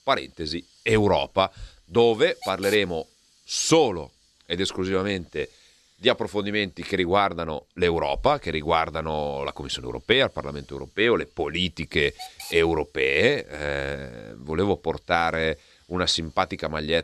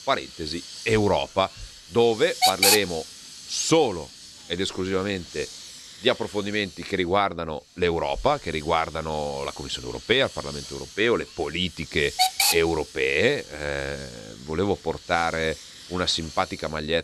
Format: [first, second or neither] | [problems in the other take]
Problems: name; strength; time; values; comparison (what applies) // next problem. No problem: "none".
first | hiss; loud; throughout; 2 dB below the speech; faint in the first